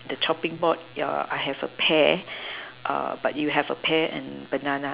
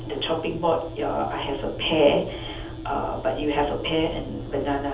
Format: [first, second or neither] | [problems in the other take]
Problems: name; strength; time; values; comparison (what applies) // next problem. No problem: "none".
first | background sound (Engine); 10 dB below the speech // room echo; dies away in 0.7 s